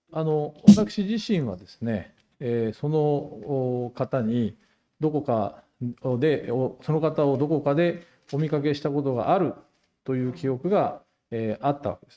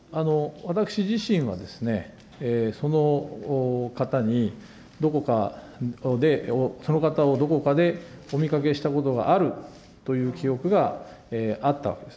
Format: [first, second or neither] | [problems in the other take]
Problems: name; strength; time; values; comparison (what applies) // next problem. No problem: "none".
second | noise reduction (neural mask model RNNoise)